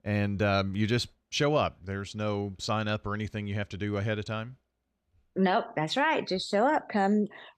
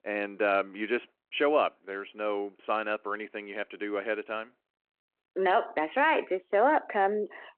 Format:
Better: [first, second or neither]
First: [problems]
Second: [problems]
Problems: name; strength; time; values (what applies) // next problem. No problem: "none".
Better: first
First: none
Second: phone-call audio